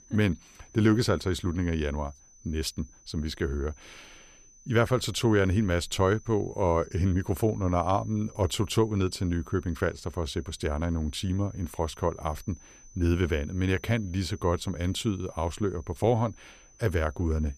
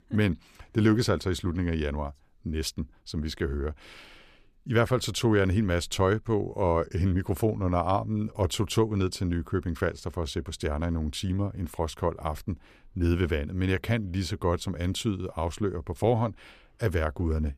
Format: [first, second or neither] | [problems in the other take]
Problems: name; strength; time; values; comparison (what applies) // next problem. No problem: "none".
second | high-pitched whine; faint; throughout; 6 kHz, 25 dB below the speech